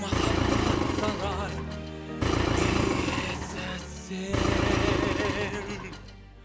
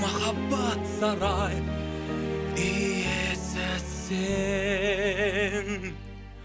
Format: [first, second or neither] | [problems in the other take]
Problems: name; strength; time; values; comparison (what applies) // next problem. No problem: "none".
second | background sound (Engine); 4 dB above the speech